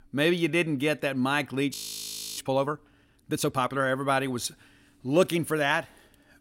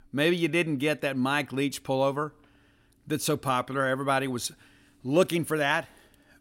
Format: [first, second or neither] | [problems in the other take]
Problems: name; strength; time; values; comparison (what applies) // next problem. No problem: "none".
second | audio freezing; at 1.5 s for 0.5 s